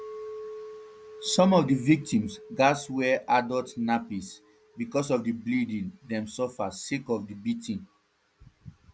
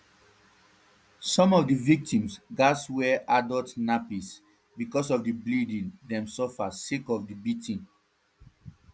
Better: second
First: background sound (Chink, clink); 19 dB below the speech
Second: none

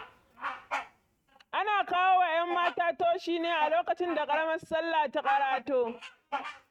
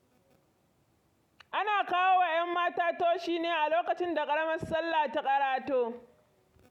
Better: second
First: noise reduction (neural mask model RNNoise)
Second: none

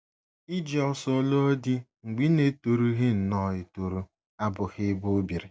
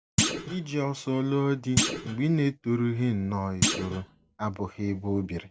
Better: first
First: none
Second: background sound (Thump, thud); 3 dB below the speech

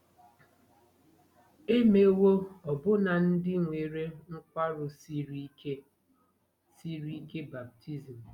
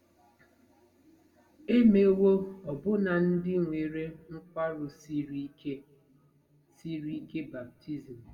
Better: first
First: none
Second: room echo; dies away in 0.2 s

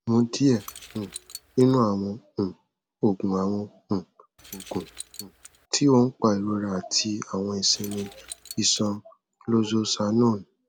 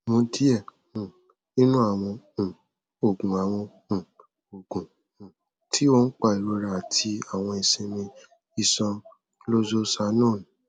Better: second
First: background sound (Keys jangling); 18 dB below the speech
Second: none

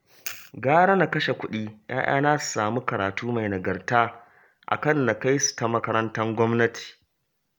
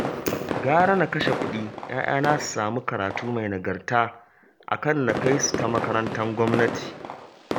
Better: first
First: none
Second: background sound (Fireworks); 6 dB below the speech

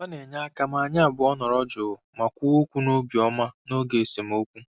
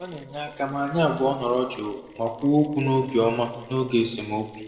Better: first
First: none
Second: noise reduction (neural separator model SepFormer DNS4)

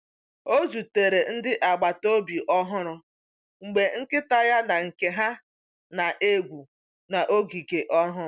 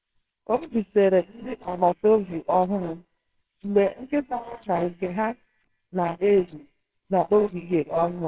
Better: first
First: none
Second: noise reduction (neural separator model SepFormer WHAMR!)

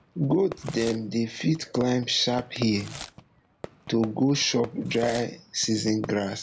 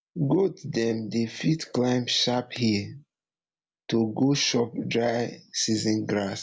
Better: second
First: background sound (Fireworks + Packing tape, duct tape / Tearing); 16 dB below the speech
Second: none

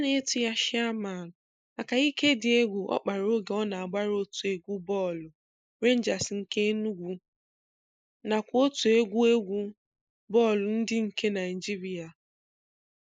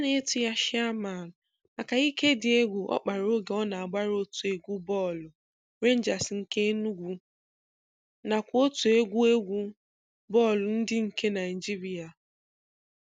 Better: second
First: noise reduction (neural mask model Resemble Enhance denoiser)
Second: none

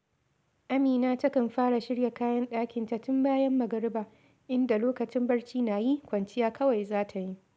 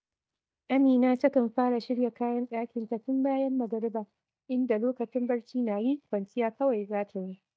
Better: first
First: none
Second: noise reduction (neural mask model DeepFilterNet 3)

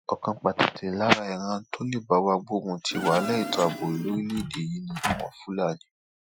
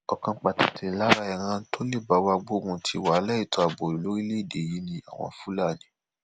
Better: second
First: noise reduction (classical method Wiener filter)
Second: none

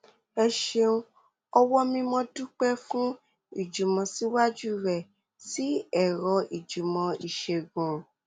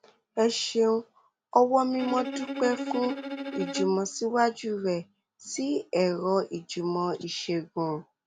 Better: first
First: none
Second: background sound (Bowed string instrument); 8 dB below the speech

